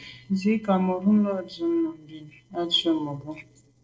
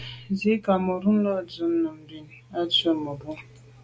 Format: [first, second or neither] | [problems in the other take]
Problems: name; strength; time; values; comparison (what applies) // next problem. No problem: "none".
second | noise reduction (neural separator model SepFormer DNS4)